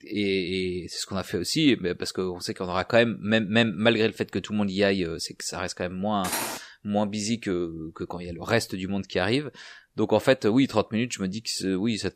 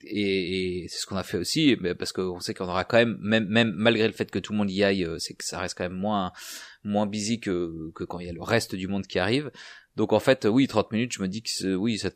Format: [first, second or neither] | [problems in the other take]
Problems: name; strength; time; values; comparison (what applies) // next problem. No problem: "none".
second | clattering dishes; noticeable; at 6 s; peak 3 dB below the speech